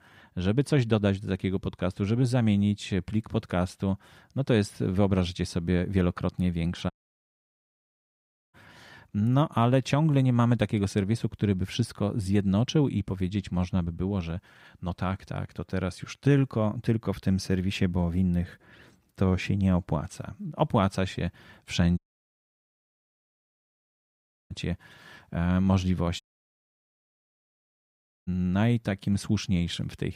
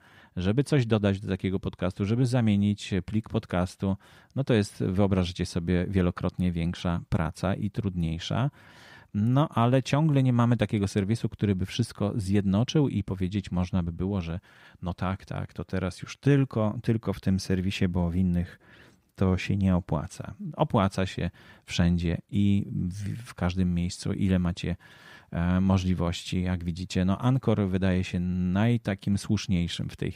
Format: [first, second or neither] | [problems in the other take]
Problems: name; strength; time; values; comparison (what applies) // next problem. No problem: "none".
second | audio cutting out; at 7 s for 1.5 s, at 22 s for 2.5 s and at 26 s for 2 s